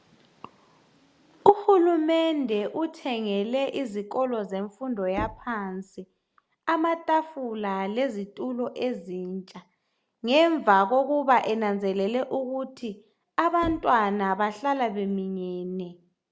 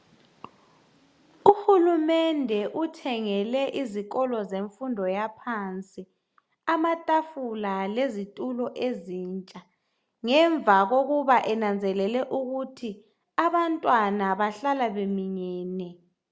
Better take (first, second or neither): second